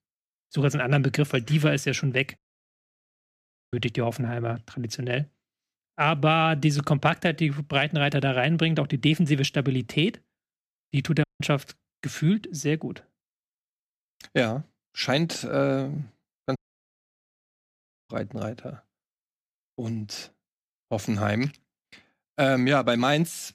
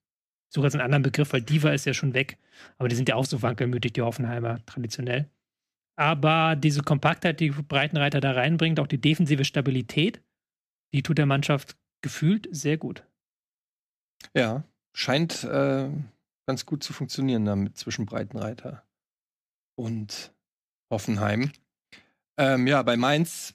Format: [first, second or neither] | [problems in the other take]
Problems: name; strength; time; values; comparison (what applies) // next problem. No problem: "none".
second | audio cutting out; at 2.5 s for 1.5 s, at 11 s and at 17 s for 1.5 s